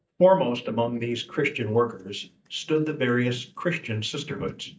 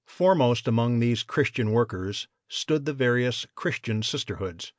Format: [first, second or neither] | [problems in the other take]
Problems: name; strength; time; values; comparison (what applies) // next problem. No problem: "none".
second | noise reduction (neural mask model DeepFilterNet 3)